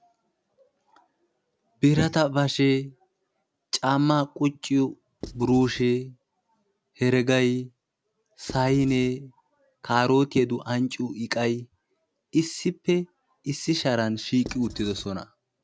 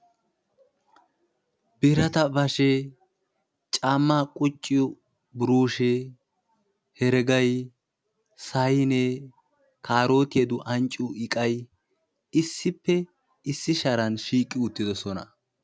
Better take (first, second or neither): second